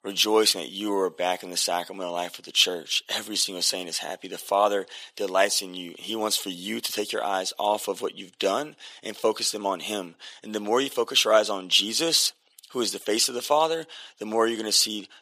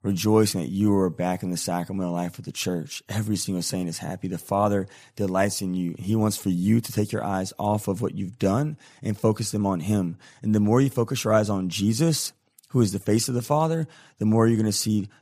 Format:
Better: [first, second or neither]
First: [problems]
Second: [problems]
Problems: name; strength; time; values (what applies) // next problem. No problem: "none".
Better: second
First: thin; very; fading below 400 Hz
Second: none